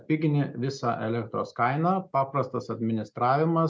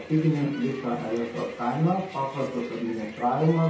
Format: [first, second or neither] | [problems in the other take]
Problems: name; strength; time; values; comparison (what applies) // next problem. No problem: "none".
first | background sound (Crowd); 17 dB below the speech // room echo; dies away in 0.6 s